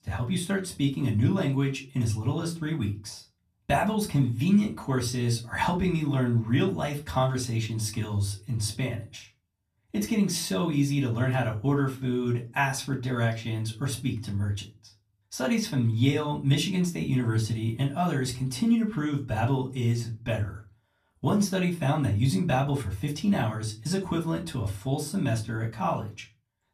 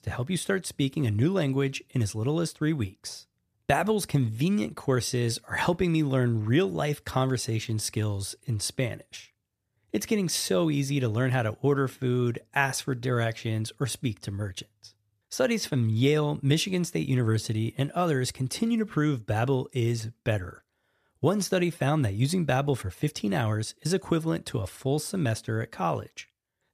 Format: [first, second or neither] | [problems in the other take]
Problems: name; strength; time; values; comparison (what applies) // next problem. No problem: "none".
second | off-mic speech; far // room echo; very slight; dies away in 0.2 s